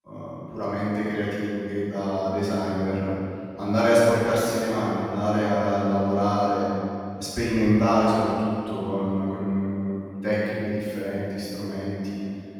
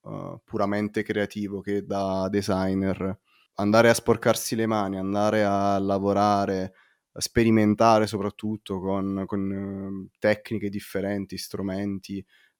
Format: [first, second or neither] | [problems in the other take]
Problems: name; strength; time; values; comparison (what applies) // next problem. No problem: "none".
second | off-mic speech; far // room echo; strong; dies away in 2.3 s